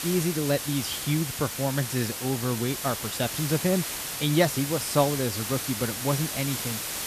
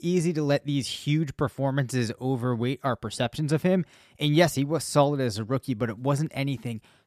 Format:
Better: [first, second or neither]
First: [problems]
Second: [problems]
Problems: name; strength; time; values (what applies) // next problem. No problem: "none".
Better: second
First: hiss; loud; throughout; 3 dB below the speech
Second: none